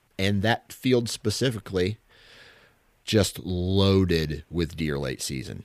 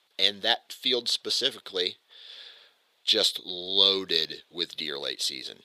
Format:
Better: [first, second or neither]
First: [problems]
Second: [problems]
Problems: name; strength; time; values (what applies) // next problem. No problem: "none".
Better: first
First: none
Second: thin; very; fading below 500 Hz